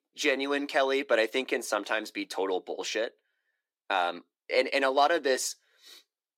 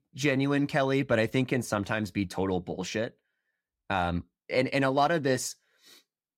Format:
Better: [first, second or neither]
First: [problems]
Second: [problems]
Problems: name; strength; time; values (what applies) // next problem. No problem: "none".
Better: second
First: thin; somewhat; fading below 350 Hz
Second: none